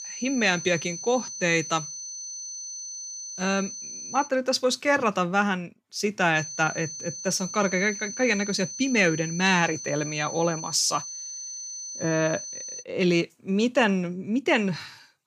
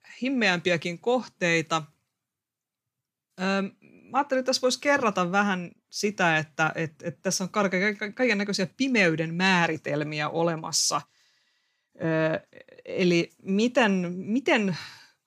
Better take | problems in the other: second | high-pitched whine; loud; until 4.5 s and from 6.5 to 13 s; 6 kHz, 9 dB below the speech

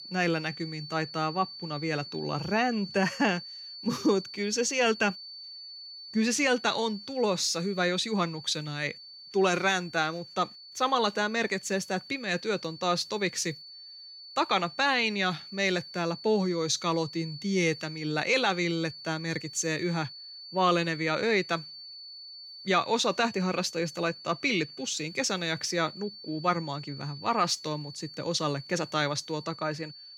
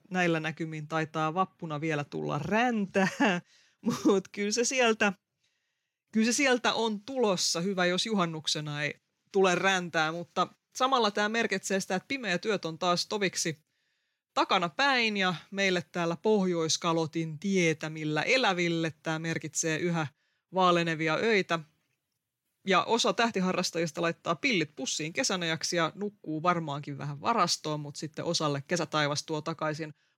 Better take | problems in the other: second | high-pitched whine; noticeable; throughout; 4.5 kHz, 15 dB below the speech

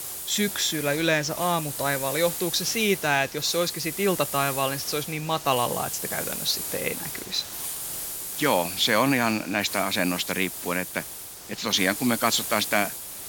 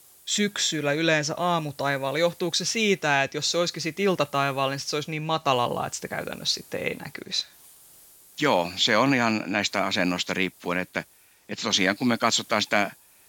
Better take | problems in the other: second | hiss; loud; throughout; 6 dB below the speech; faint in the second

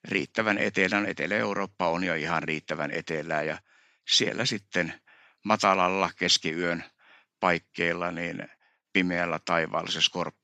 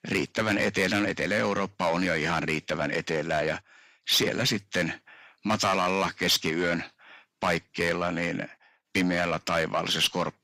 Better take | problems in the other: first | distortion; heavy; 6 dB below the speech

